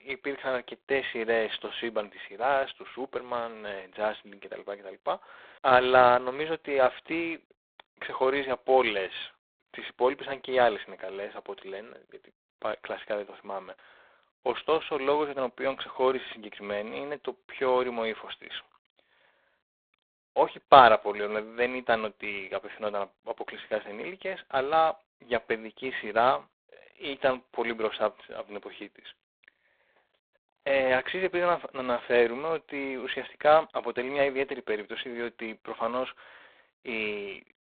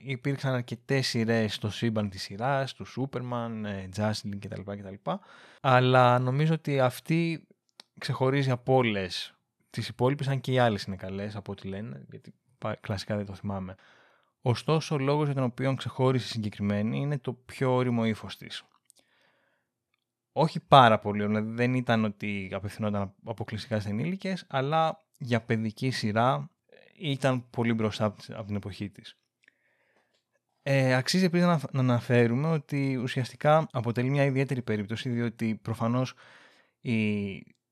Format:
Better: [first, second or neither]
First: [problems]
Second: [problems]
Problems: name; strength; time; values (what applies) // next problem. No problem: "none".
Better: second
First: phone-call audio; poor line; nothing above 3.5 kHz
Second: none